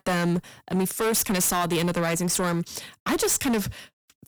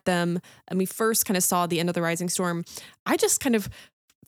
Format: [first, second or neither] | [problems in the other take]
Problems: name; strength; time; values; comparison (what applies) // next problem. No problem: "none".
second | distortion; heavy; 17% of the sound clipped